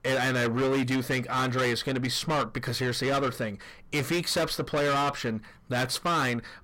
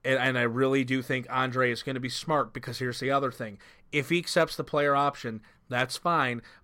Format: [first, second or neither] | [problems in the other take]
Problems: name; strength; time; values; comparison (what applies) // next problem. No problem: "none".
second | distortion; heavy; 6 dB below the speech